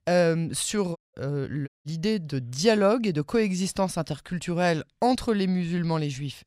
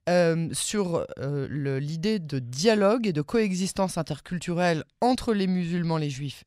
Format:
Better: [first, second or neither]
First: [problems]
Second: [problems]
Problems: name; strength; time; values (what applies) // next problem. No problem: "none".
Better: second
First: audio cutting out; at 1 s and at 1.5 s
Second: none